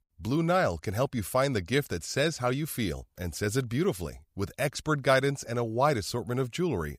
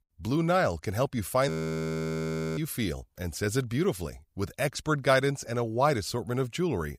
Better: first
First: none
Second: audio freezing; at 1.5 s for 1 s

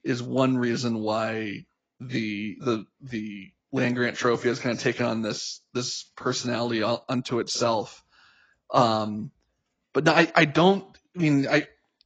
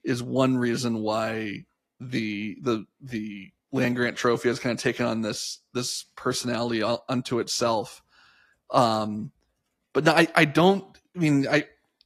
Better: second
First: garbled, watery; badly; nothing above 7.5 kHz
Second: garbled, watery; slightly; nothing above 14 kHz

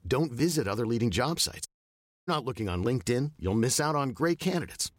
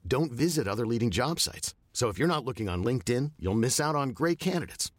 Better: second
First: audio cutting out; at 1.5 s for 0.5 s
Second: none

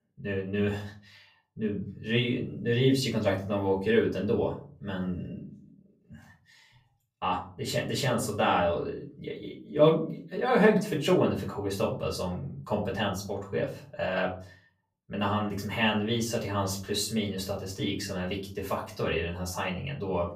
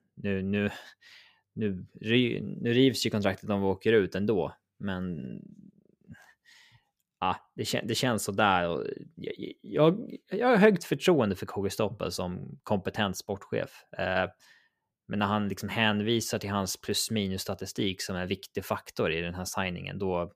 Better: second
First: off-mic speech; far // room echo; slight; dies away in 0.4 s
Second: none

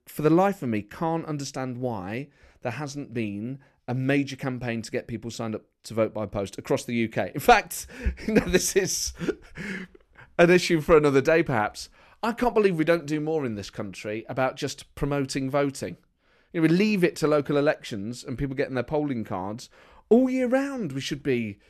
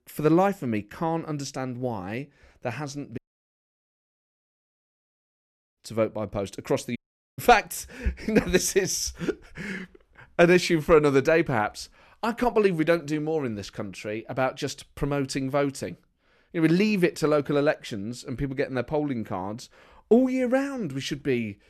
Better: first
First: none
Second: audio cutting out; at 3 s for 2.5 s and at 7 s

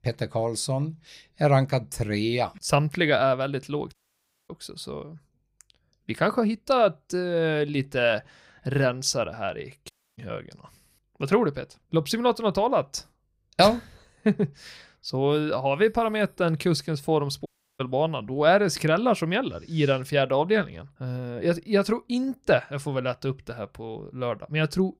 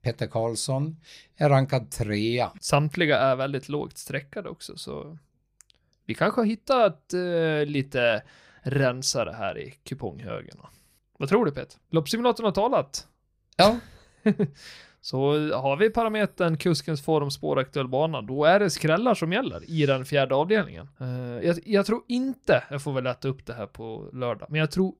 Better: second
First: audio cutting out; at 4 s for 0.5 s, at 10 s and at 17 s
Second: none

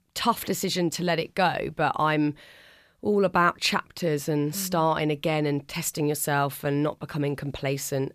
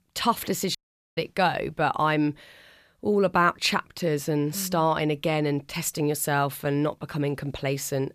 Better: first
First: none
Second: audio cutting out; at 1 s

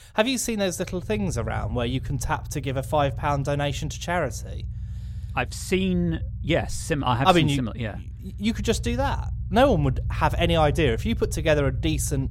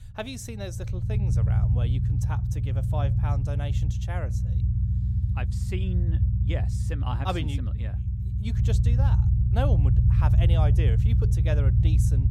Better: first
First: low rumble; faint; throughout; 25 dB below the speech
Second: low rumble; loud; throughout; 2 dB below the speech

